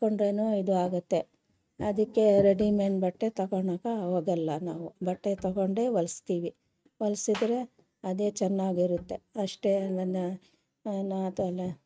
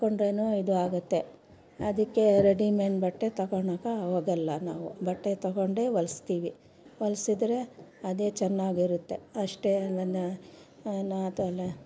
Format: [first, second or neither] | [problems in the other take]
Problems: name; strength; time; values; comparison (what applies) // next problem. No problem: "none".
second | noise reduction (neural mask model RNNoise)